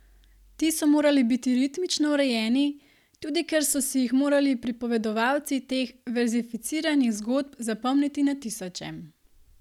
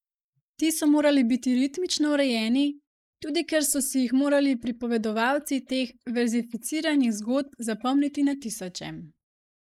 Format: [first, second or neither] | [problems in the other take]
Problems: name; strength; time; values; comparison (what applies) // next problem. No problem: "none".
first | noise reduction (neural mask model Resemble Enhance denoiser)